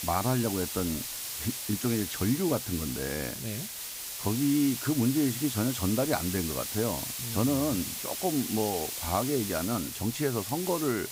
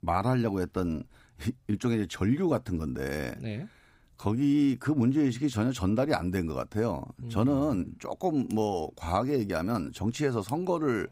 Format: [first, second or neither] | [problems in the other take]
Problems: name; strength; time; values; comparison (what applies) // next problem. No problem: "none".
second | hiss; loud; throughout; 4 dB below the speech